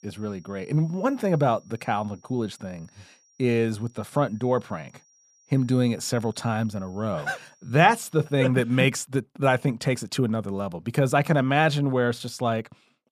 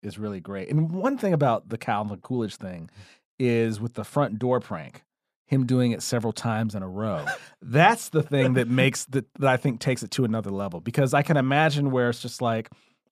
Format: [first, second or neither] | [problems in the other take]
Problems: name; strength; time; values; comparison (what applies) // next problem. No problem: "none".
second | high-pitched whine; faint; until 8.5 s; 5.5 kHz, 35 dB below the speech